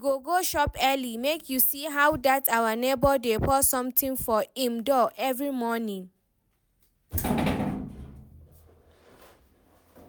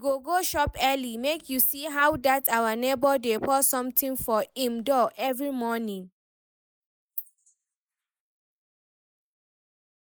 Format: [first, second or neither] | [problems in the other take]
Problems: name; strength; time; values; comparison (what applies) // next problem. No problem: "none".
first | noise reduction (neural mask model Resemble Enhance denoiser)